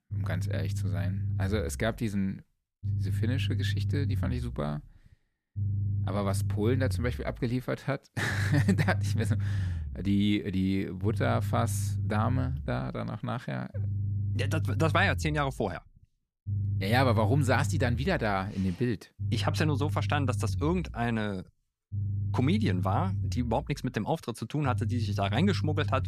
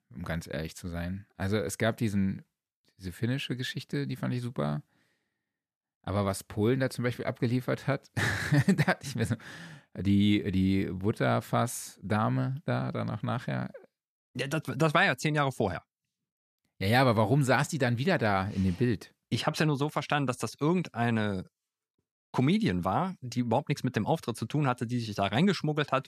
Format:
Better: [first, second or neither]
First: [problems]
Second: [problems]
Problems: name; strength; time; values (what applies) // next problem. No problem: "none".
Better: second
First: low rumble; noticeable; throughout; 15 dB below the speech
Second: none